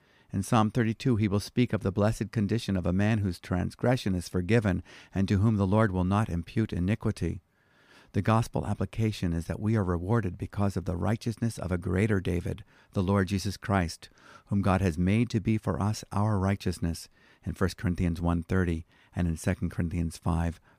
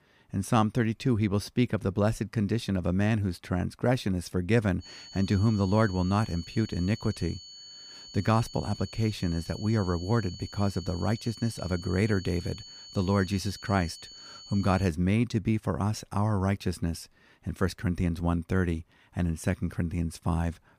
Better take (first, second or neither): first